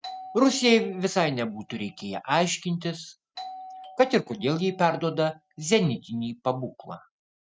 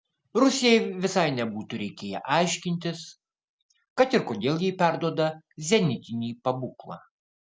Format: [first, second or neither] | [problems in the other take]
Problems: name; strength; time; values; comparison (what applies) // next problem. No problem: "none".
second | noise reduction (neural mask model RNNoise)